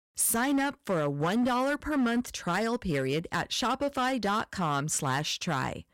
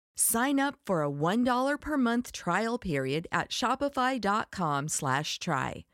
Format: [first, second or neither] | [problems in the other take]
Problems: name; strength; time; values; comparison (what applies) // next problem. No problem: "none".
second | distortion; slight; 11% of the sound clipped